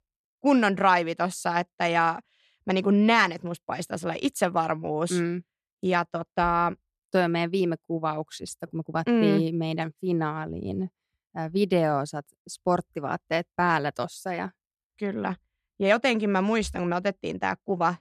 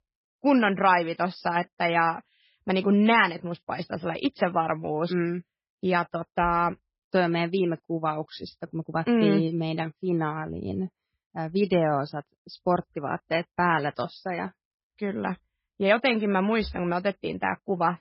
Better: first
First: none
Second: garbled, watery; badly; nothing above 5.5 kHz

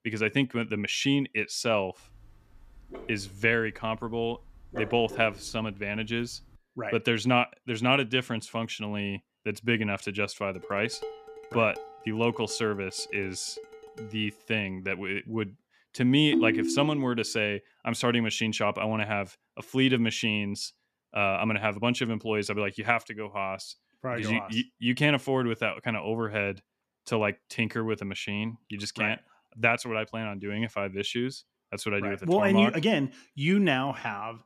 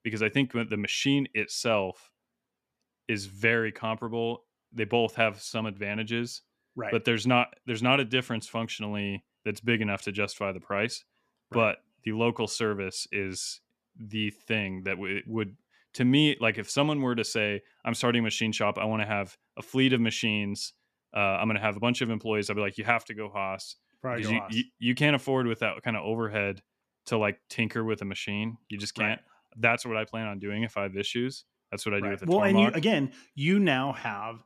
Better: second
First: dog barking; faint; from 2 to 6.5 s; peak 10 dB below the speech // clattering dishes; faint; from 11 to 14 s; peak 10 dB below the speech // phone ringing; loud; at 16 s; peak 2 dB above the speech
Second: none

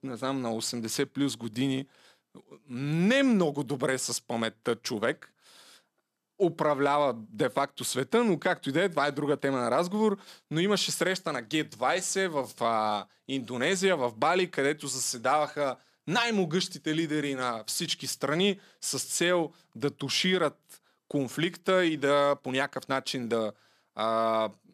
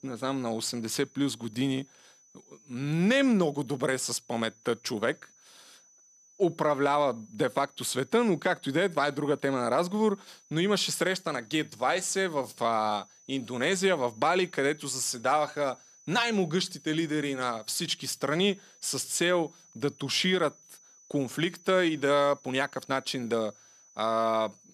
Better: first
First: none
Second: high-pitched whine; faint; throughout; 6 kHz, 25 dB below the speech

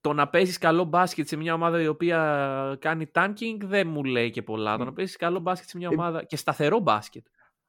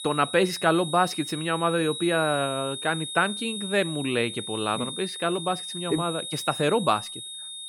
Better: first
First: none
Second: high-pitched whine; loud; throughout; 3.5 kHz, 7 dB below the speech

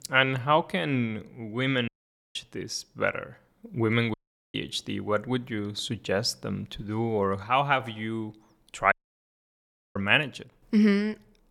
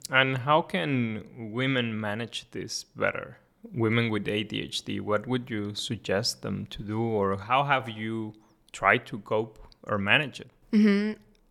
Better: second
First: audio cutting out; at 2 s, at 4 s and at 9 s for 1 s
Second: none

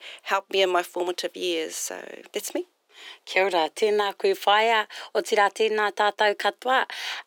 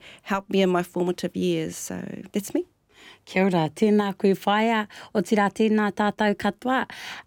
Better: second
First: thin; very; fading below 400 Hz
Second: none

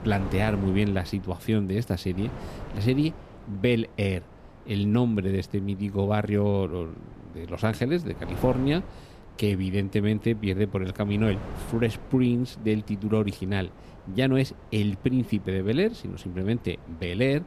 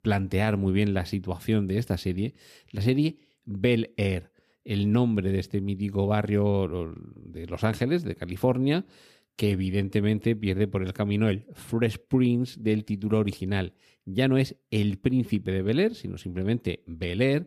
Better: second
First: wind noise on the microphone; occasional gusts; 15 dB below the speech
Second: none

